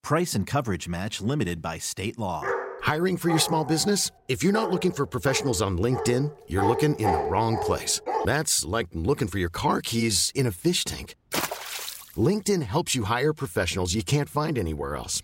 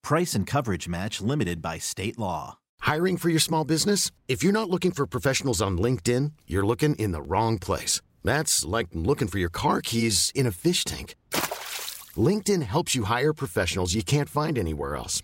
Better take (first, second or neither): second